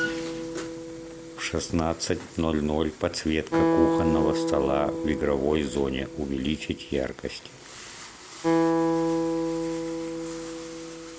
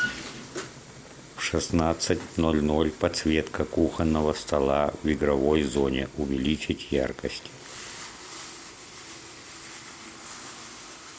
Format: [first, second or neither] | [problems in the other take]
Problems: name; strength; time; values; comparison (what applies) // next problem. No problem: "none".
second | background sound (Acoustic guitar); as loud as the speech